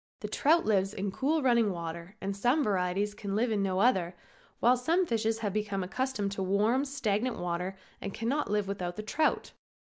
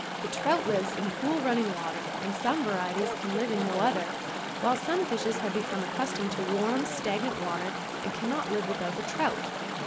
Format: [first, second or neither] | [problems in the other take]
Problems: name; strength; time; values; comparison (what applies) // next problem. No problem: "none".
first | background sound (Chatter / Stream); 3 dB below the speech